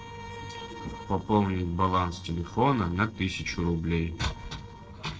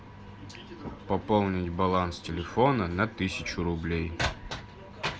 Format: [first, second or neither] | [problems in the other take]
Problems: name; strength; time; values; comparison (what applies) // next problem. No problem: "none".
second | noise reduction (neural separator model SepFormer DNS4)